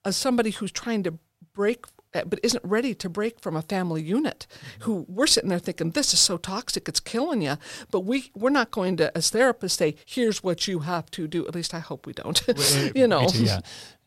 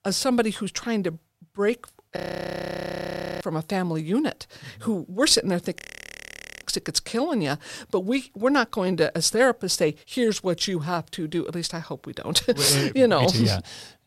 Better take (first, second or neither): first